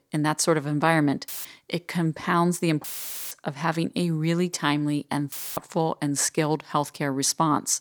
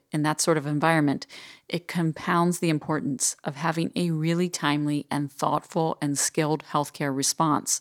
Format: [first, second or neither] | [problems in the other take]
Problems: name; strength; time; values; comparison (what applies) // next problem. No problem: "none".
second | audio cutting out; filled with static; at 1.5 s, at 3 s and at 5.5 s